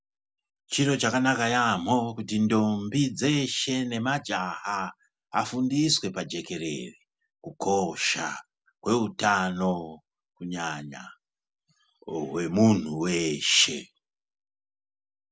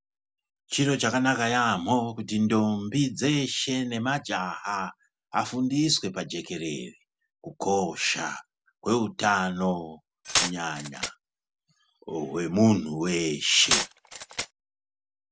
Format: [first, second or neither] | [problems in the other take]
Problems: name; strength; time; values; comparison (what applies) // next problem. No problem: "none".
first | background sound (Glass); 2 dB below the speech